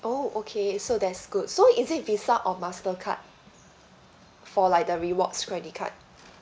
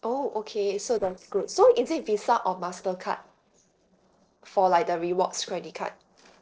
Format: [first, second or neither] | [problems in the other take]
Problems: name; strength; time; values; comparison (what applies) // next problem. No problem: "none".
first | noise reduction (neural separator model SepFormer DNS4)